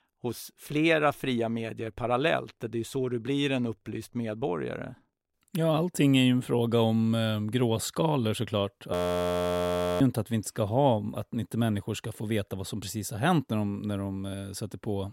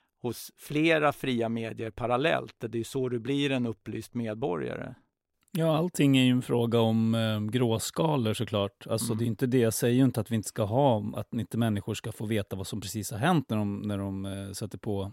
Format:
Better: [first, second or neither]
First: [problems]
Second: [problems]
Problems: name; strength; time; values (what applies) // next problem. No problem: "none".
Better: second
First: audio freezing; at 9 s for 1 s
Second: none